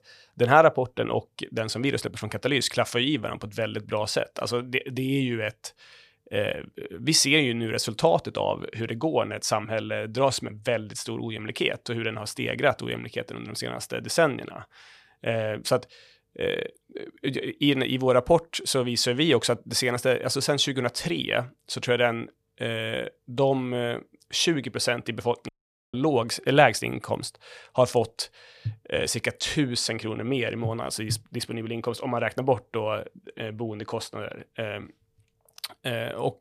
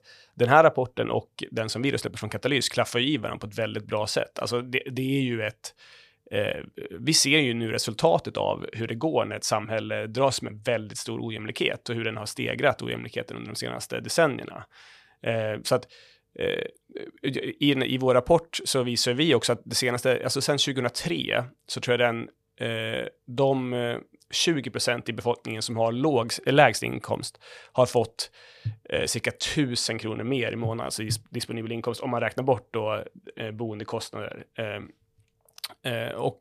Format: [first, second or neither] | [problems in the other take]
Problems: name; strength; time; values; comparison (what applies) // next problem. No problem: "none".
second | audio cutting out; at 25 s